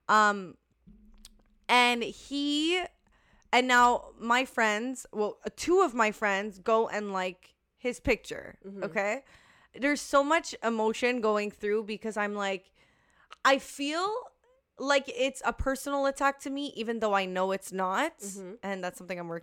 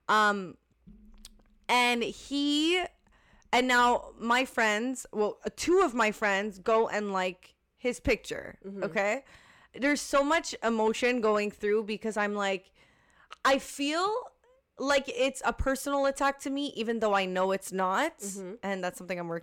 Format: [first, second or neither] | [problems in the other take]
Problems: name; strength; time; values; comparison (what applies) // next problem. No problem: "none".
first | distortion; slight; 10 dB below the speech